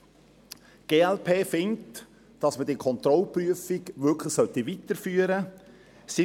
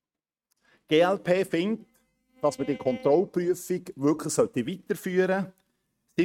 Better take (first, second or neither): first